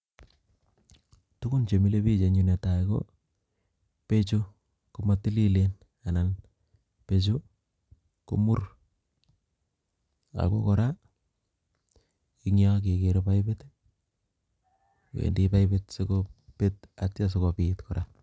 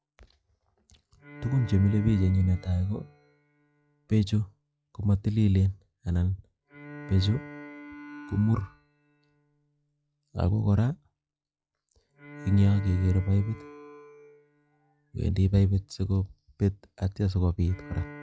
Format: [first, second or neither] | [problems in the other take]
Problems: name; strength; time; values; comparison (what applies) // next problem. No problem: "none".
first | noise reduction (classical method log-MMSE)